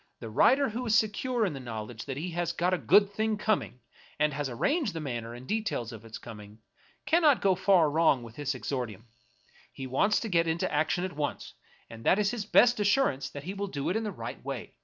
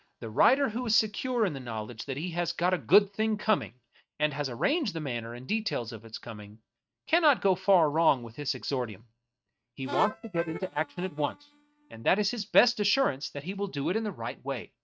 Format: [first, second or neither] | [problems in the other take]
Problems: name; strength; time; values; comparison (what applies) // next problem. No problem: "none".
first | noise reduction (neural mask model RNNoise)